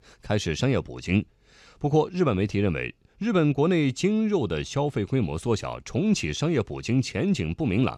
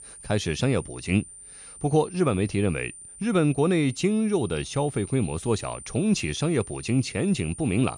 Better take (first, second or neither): first